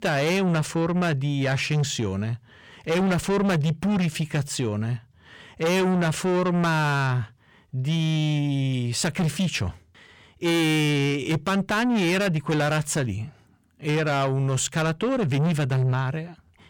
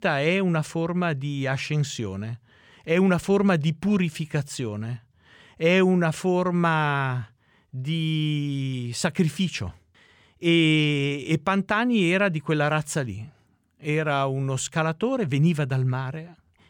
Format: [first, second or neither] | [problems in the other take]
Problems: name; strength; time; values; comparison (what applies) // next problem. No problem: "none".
second | distortion; heavy; 7 dB below the speech